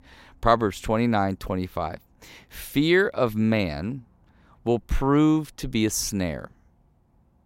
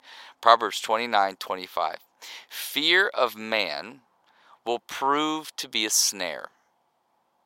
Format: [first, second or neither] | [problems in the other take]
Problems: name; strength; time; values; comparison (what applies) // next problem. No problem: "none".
first | thin; very; fading below 700 Hz